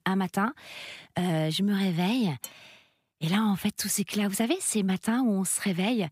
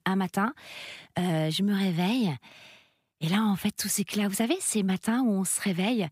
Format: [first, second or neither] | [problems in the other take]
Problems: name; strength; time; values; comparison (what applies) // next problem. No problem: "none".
second | clattering dishes; very faint; at 2.5 s; peak 15 dB below the speech